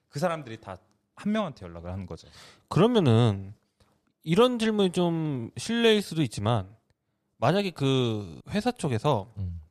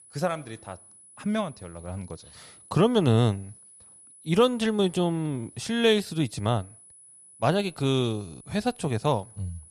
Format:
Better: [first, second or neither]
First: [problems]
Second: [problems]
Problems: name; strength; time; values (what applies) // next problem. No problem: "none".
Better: first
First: none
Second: high-pitched whine; faint; throughout; 10 kHz, 25 dB below the speech